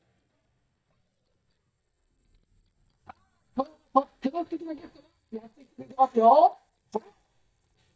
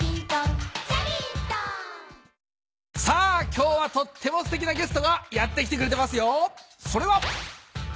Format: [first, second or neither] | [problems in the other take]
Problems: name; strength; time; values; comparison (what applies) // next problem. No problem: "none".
second | noise reduction (neural mask model DeepFilterNet 3)